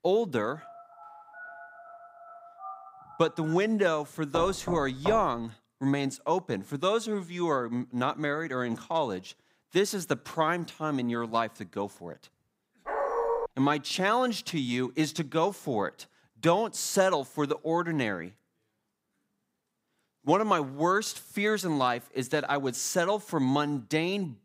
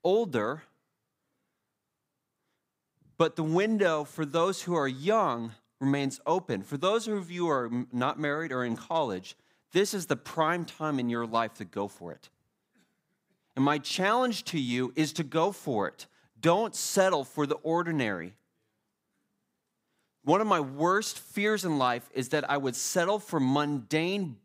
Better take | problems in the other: second | phone ringing; faint; until 3.5 s; peak 15 dB below the speech // door banging; noticeable; at 4.5 s; peak 7 dB below the speech // dog barking; loud; at 13 s; peak level with the speech

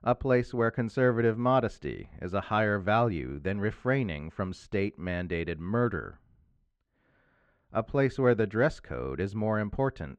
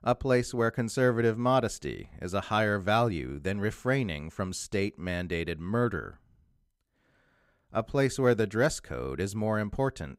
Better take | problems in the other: second | muffled; slightly; fading above 2.5 kHz

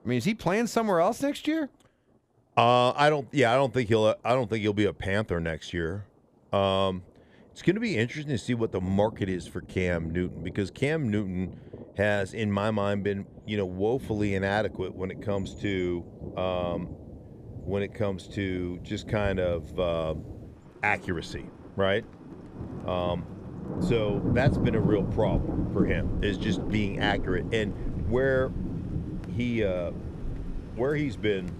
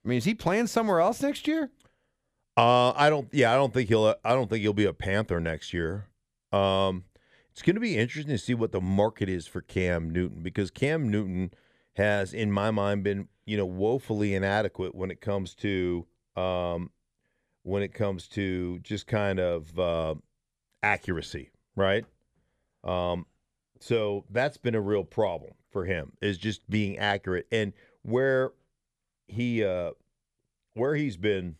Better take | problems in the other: second | rain or running water; loud; throughout; 7 dB below the speech

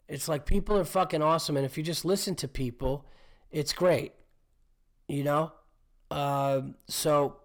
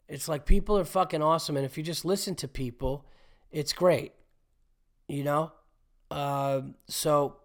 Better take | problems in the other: second | distortion; slight; 9 dB below the speech

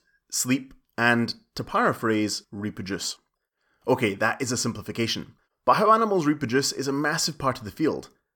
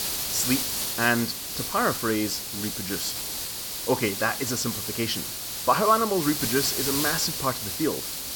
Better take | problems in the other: first | hiss; loud; throughout; 1 dB below the speech

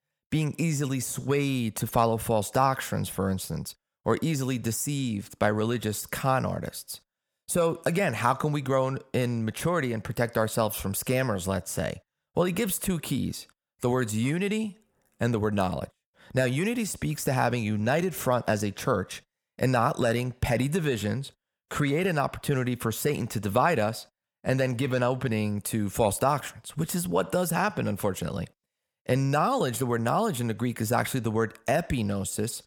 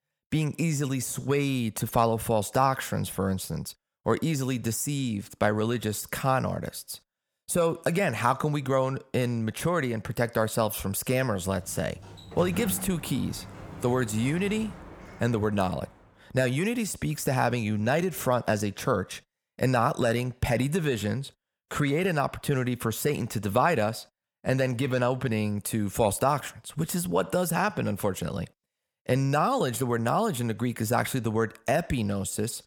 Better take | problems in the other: first | door banging; noticeable; from 12 to 16 s; peak 8 dB below the speech

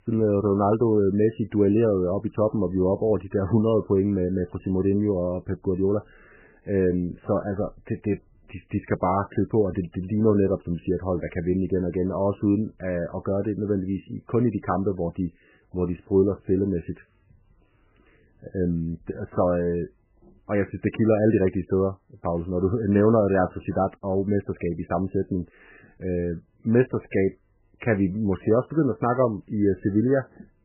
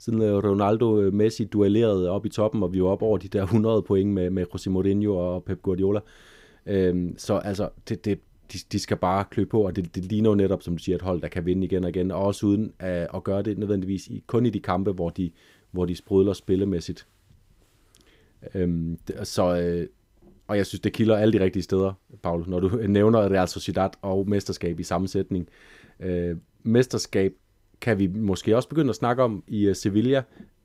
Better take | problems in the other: second | garbled, watery; badly; nothing above 3 kHz

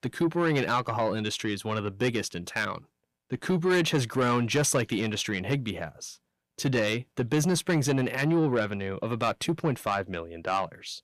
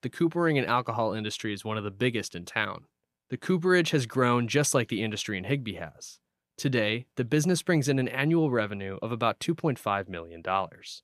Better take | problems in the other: second | distortion; slight; 10 dB below the speech

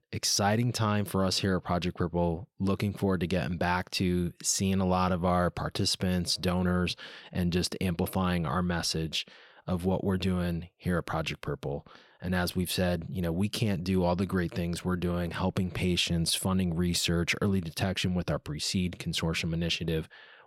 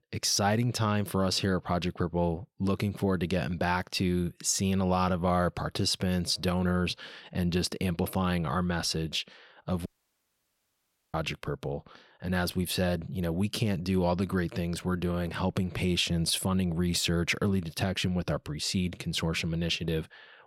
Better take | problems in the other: first | audio cutting out; at 10 s for 1.5 s

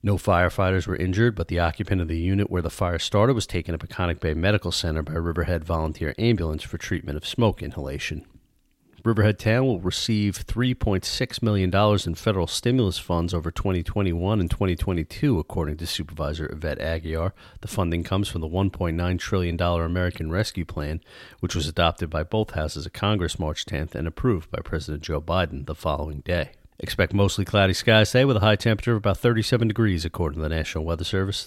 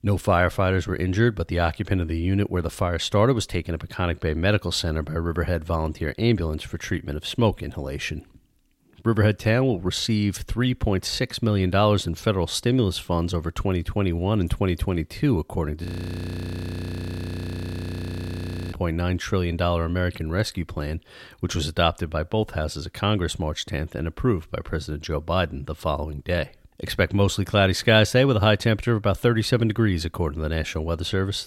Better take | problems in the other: first | audio freezing; at 16 s for 3 s

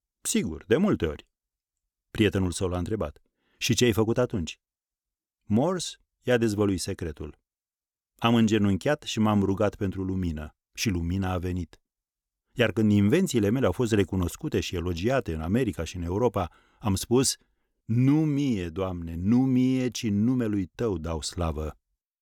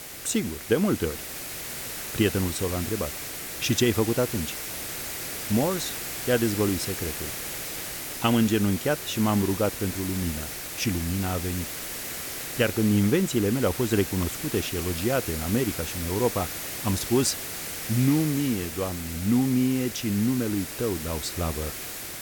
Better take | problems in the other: first | hiss; loud; throughout; 6 dB below the speech

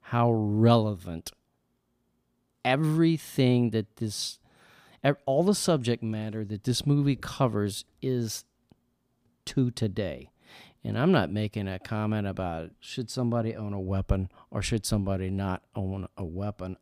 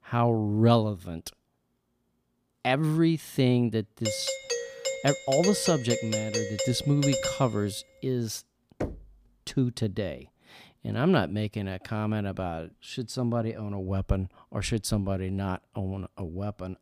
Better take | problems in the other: first | doorbell; noticeable; from 4 to 7.5 s; peak 1 dB below the speech // door banging; noticeable; at 9 s; peak 8 dB below the speech

